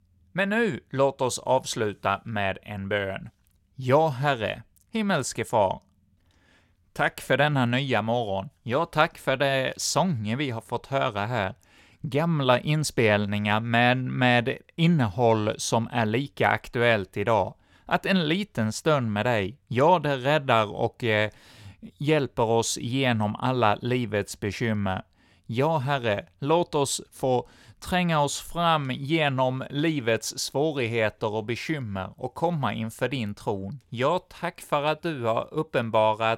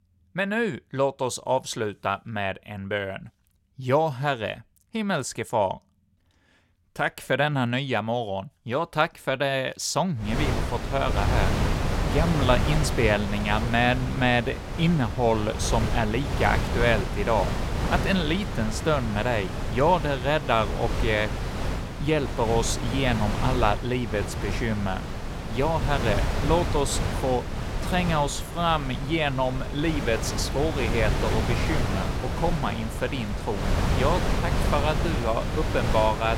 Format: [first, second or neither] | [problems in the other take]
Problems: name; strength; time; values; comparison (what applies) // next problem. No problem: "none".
first | wind noise on the microphone; heavy; from 10 s on; 6 dB below the speech